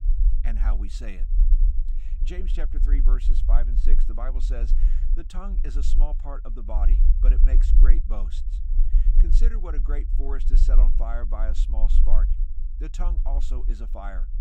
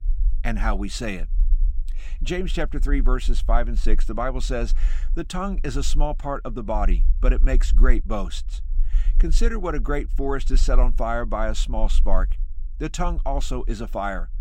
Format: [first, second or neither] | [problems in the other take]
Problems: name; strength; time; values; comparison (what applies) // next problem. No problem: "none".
second | low rumble; loud; throughout; 8 dB below the speech; faint in the second